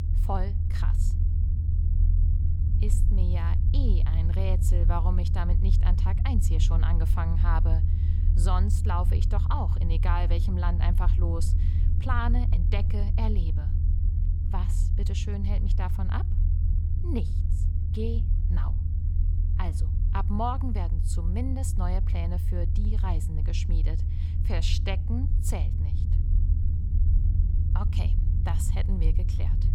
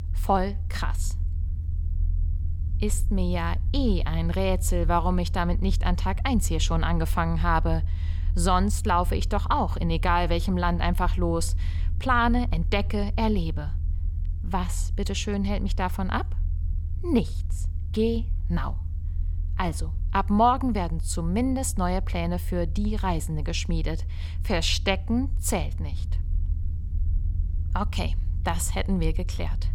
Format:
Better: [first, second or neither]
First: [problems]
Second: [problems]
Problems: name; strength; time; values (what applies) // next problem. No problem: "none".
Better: second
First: low rumble; loud; throughout; 6 dB below the speech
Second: low rumble; faint; throughout; 20 dB below the speech